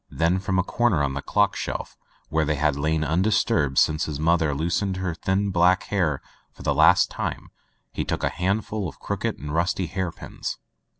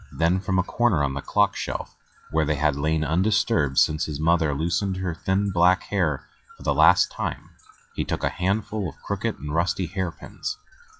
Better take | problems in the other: first | noise reduction (classical method log-MMSE)

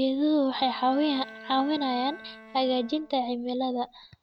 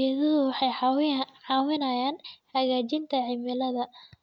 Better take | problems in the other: second | background sound (Bowed string instrument); 20 dB below the speech

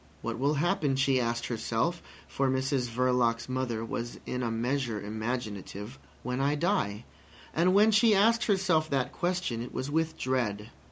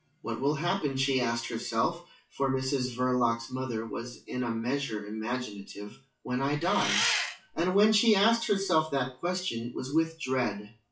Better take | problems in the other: first | noise reduction (classical method WPE with log-MMSE)

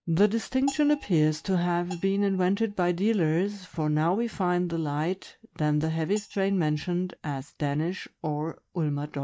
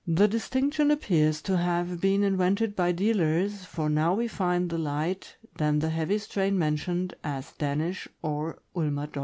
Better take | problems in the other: second | noise reduction (neural mask model DeepFilterNet 3)

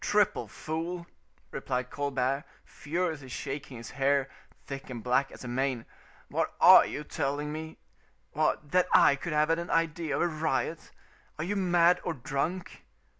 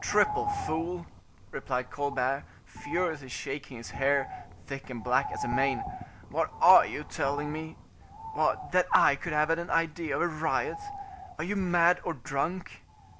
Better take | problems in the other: first | background sound (Bird); 10 dB below the speech

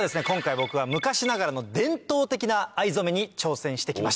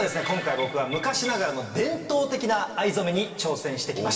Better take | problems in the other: first | room echo; dies away in 2.3 s

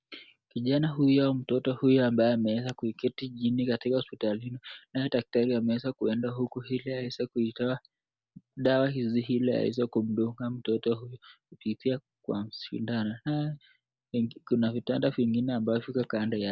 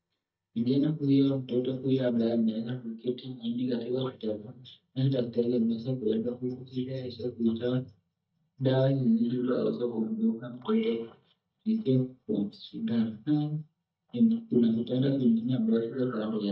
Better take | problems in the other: first | noise reduction (neural mask model DeepFilterNet 3)

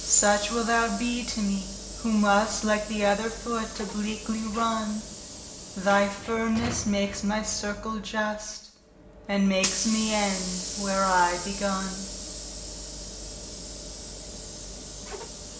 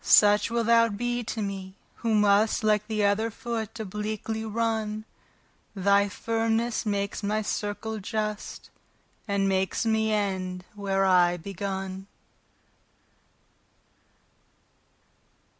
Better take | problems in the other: second | background sound (Sliding door / Hiss); 9 dB below the speech // room echo; dies away in 0.7 s

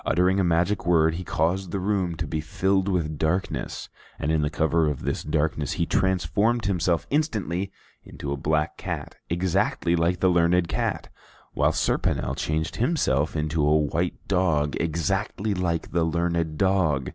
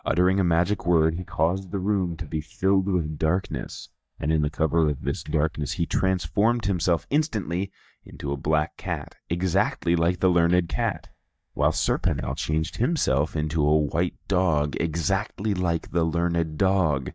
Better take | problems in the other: first | noise reduction (neural mask model DeepFilterNet 3)

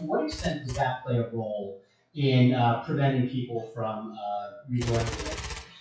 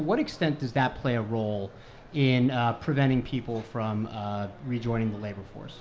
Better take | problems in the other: second | noise reduction (classical method WPE with log-MMSE)

